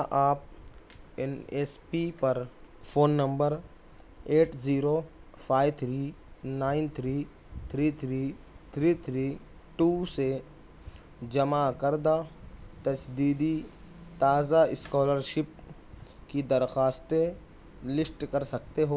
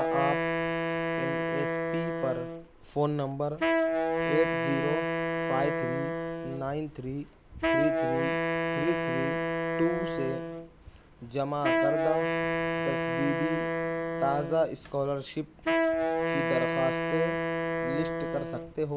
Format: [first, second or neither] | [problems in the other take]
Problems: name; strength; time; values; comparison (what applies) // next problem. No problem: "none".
first | background sound (Wind instrument, woodwind instrument); 3 dB above the speech